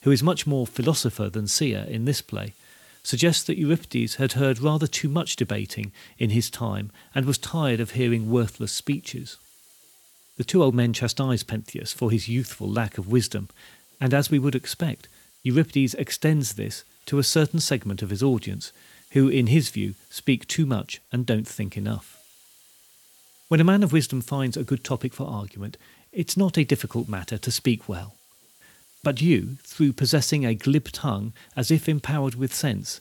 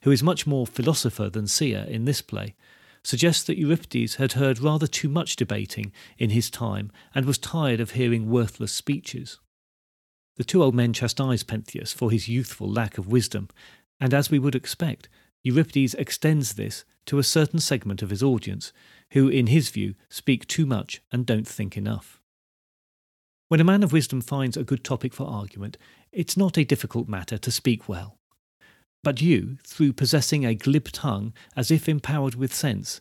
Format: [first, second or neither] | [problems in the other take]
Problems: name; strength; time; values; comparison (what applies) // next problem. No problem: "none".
second | hiss; faint; throughout; 30 dB below the speech